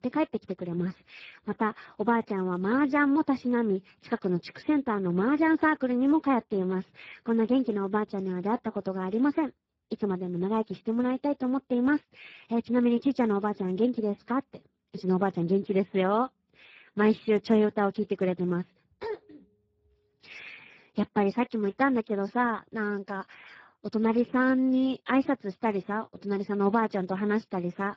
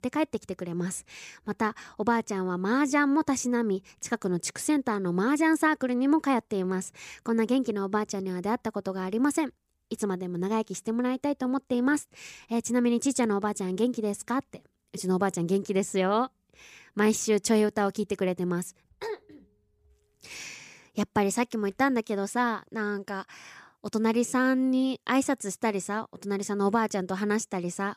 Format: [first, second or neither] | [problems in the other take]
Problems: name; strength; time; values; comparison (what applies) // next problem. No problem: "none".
second | garbled, watery; badly